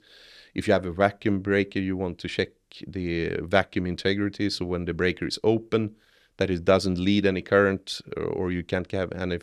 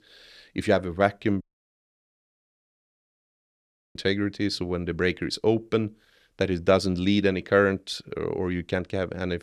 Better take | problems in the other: first | audio cutting out; at 1.5 s for 2.5 s

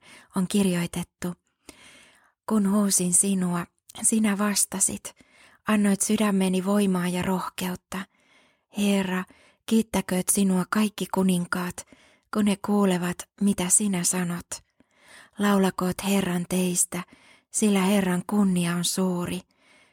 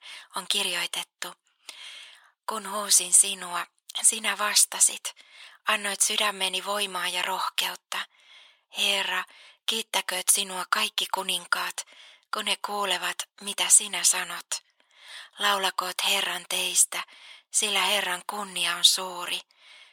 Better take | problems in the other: first | thin; very; fading below 900 Hz

